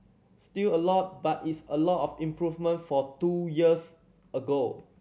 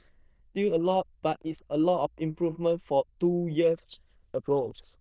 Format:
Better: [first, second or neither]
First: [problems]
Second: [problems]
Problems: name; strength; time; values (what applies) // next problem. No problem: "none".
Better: first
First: none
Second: noise reduction (neural diffusion model UNIVERSE++)